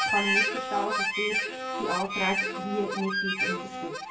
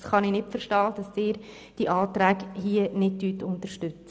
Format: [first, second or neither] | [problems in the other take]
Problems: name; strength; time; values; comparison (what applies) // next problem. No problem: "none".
second | background sound (Harmonica); 3 dB above the speech // room echo; dies away in 0.2 s